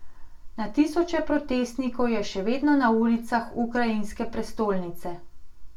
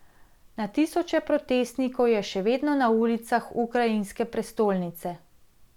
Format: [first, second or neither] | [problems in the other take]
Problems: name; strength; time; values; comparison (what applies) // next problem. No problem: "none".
second | room echo; dies away in 0.2 s